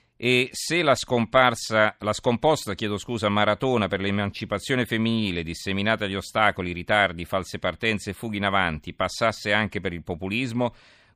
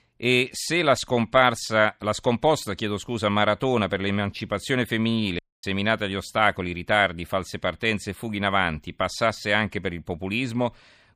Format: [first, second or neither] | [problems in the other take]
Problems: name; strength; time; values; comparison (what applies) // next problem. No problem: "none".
first | audio cutting out; at 5.5 s